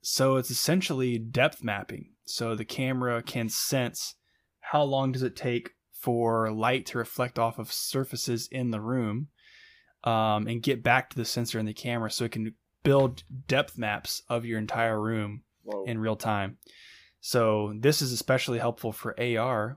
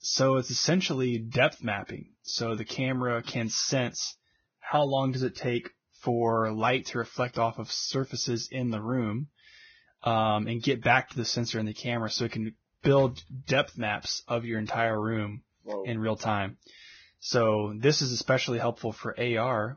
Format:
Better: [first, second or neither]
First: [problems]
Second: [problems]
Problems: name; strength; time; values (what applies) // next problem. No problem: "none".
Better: first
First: none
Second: garbled, watery; badly; nothing above 6.5 kHz